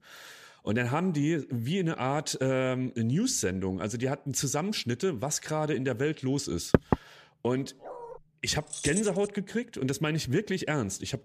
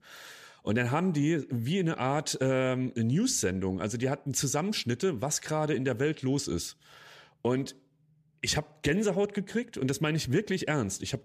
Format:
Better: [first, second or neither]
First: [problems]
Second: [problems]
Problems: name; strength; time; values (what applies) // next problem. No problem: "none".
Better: second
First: door banging; loud; at 6.5 s; peak 4 dB above the speech // dog barking; faint; at 8 s; peak 15 dB below the speech // jangling keys; noticeable; at 8.5 s; peak 3 dB below the speech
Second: none